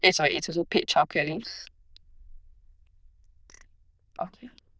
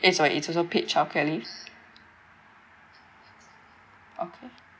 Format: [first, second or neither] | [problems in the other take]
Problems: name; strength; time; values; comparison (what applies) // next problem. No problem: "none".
second | noise reduction (neural diffusion model UNIVERSE++)